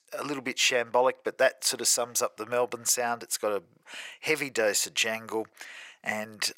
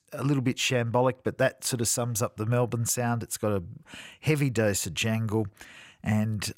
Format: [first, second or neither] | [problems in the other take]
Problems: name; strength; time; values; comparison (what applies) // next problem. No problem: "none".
second | thin; very; fading below 550 Hz